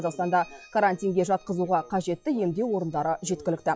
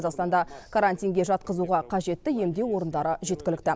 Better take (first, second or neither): second